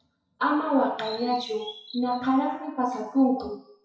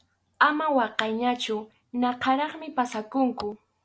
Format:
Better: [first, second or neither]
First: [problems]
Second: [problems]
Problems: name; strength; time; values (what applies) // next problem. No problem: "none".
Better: second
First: noise reduction (classical method WPE with log-MMSE)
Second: none